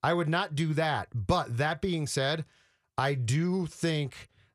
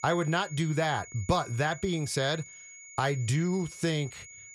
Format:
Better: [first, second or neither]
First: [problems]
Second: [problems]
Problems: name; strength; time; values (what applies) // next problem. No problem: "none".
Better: first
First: none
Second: high-pitched whine; noticeable; throughout; 2 kHz, 15 dB below the speech